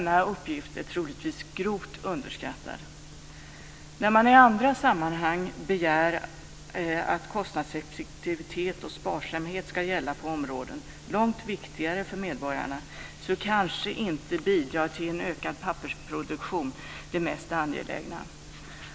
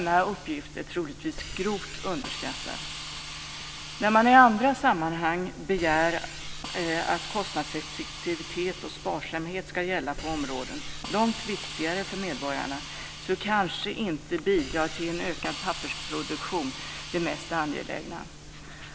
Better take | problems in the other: first | background sound (Hiss); 11 dB below the speech

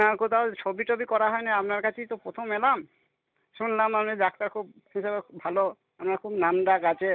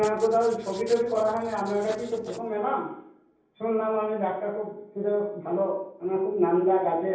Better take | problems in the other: first | background sound (Writing); 19 dB below the speech // room echo; dies away in 0.9 s

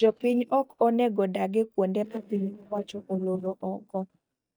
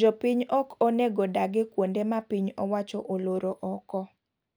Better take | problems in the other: second | noise reduction (neural mask model DeepFilterNet 3)

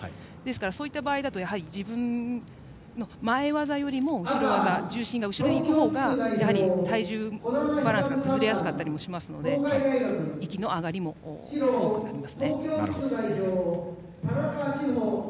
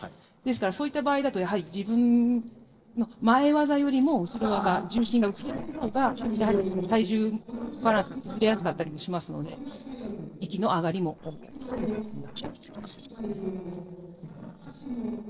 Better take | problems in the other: first | noise reduction (neural separator model SepFormer DNS4)

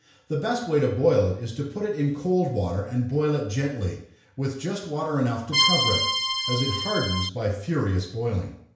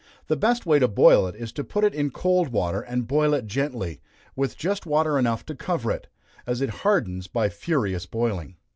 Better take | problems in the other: second | background sound (Accordion); 1 dB above the speech // room echo; dies away in 0.5 s

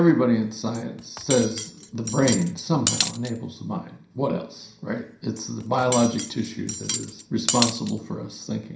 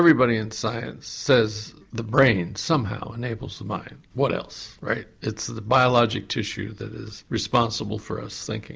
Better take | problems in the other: second | background sound (Cutlery, silverware); 7 dB below the speech // room echo; dies away in 0.5 s

